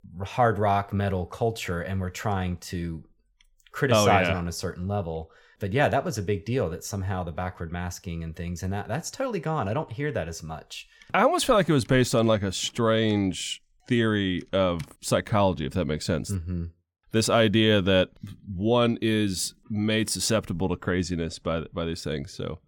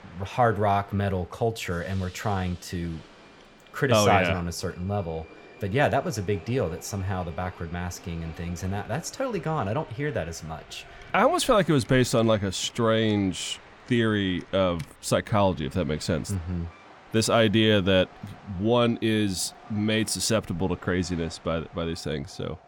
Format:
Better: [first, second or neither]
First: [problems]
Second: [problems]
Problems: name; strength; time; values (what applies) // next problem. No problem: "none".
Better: first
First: none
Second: train or aircraft noise; faint; throughout; 25 dB below the speech